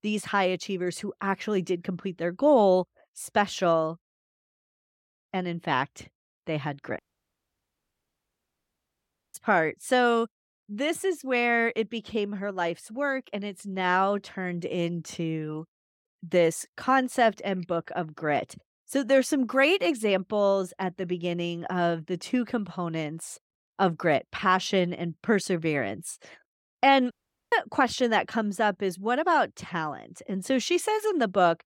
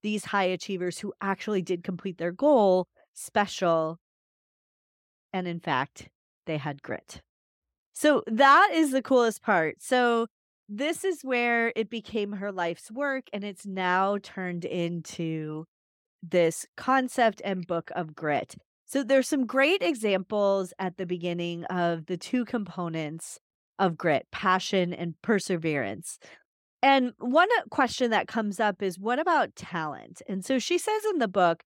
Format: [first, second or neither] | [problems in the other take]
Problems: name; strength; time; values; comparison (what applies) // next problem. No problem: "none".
second | audio cutting out; at 7 s for 2.5 s and at 27 s